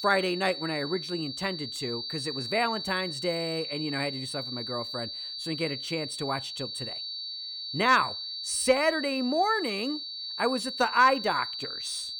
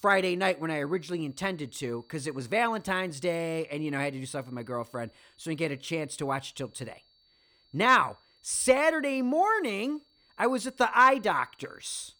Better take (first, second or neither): second